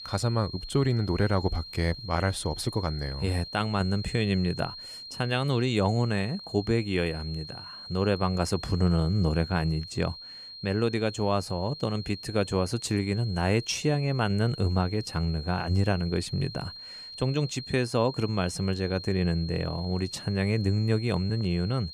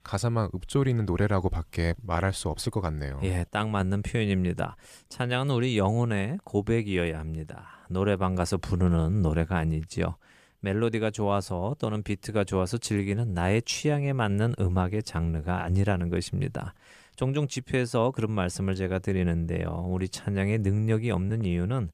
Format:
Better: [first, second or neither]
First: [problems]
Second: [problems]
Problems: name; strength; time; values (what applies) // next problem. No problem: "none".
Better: second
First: high-pitched whine; noticeable; throughout; 4 kHz, 10 dB below the speech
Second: none